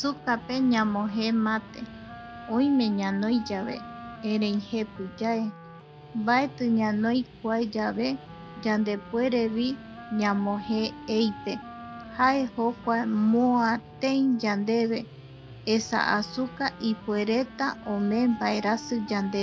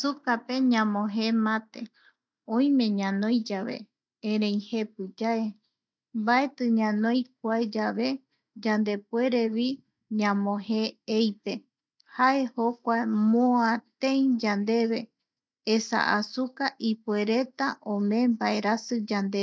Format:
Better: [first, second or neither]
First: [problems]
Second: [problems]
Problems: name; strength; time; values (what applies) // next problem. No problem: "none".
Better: second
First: background sound (Wind instrument, woodwind instrument + Guitar); 16 dB below the speech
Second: none